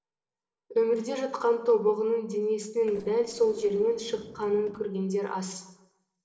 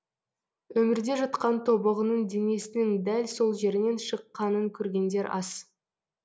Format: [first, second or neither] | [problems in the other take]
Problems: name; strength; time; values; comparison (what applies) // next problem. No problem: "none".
second | noise reduction (neural separator model SepFormer DNS4)